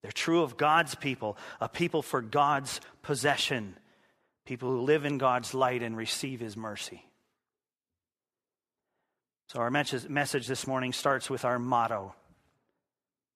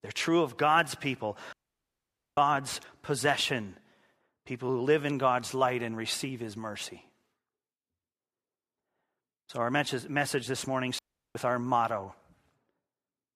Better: first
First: none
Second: audio cutting out; at 1.5 s for 1 s and at 11 s

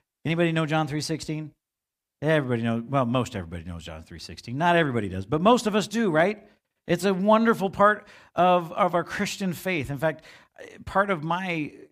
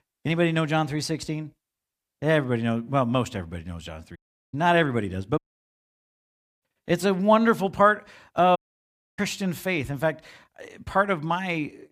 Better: first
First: none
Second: audio cutting out; at 4 s, at 5.5 s for 1 s and at 8.5 s for 0.5 s

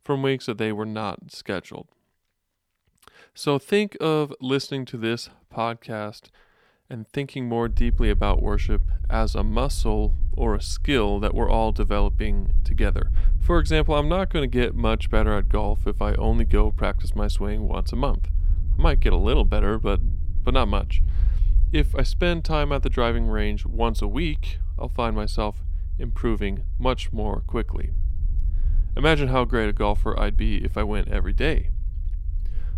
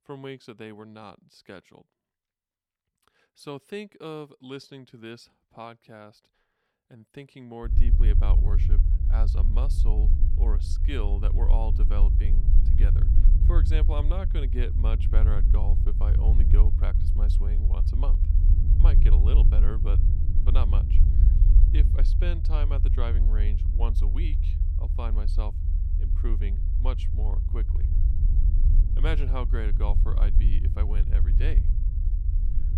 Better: first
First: low rumble; faint; from 7.5 s on; 20 dB below the speech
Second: low rumble; loud; from 7.5 s on; 4 dB below the speech

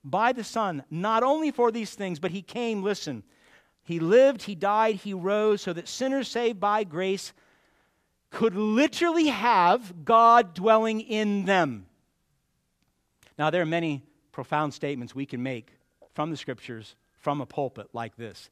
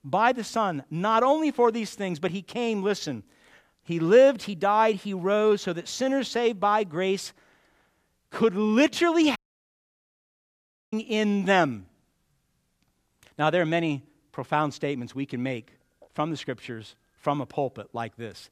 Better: first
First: none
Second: audio cutting out; at 9.5 s for 1.5 s

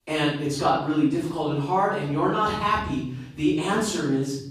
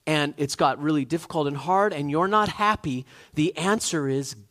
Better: second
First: room echo; noticeable; dies away in 0.6 s // off-mic speech; far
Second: none

